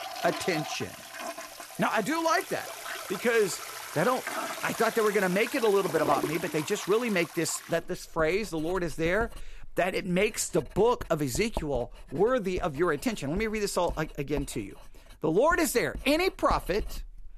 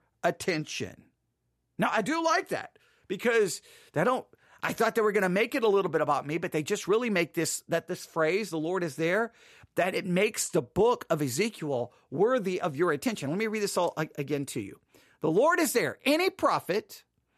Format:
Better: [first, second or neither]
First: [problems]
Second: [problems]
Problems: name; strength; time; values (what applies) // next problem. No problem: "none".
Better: second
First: household noises; noticeable; throughout; 10 dB below the speech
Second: none